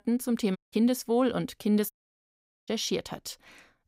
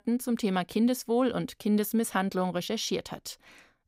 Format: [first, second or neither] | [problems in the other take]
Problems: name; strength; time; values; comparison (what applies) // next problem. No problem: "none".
second | audio cutting out; at 0.5 s and at 2 s for 1 s